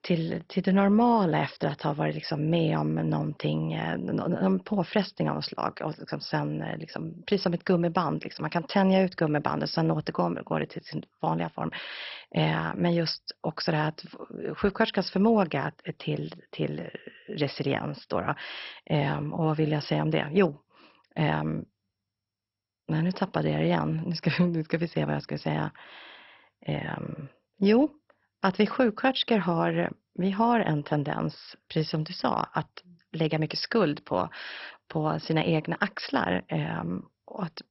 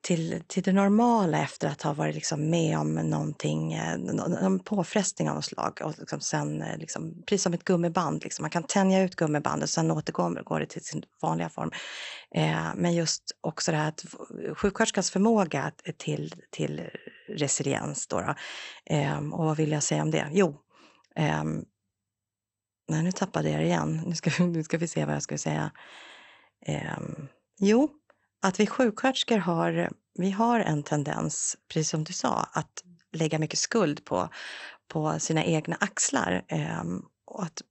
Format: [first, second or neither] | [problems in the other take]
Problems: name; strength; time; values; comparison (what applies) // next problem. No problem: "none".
second | garbled, watery; badly; nothing above 5.5 kHz; slightly in the second